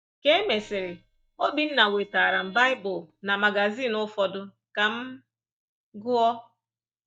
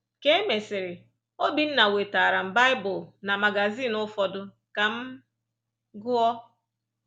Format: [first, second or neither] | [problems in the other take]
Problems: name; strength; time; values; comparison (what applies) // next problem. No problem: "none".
second | noise reduction (neural mask model DeepFilterNet 3)